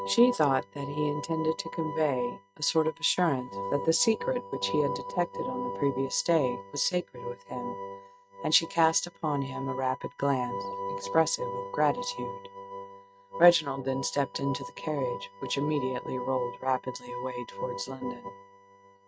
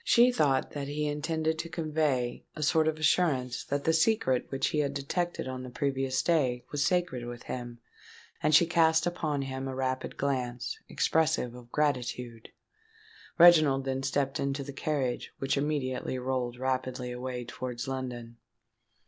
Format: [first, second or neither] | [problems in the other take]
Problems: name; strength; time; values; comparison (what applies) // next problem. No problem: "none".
second | noise reduction (neural mask model RNNoise)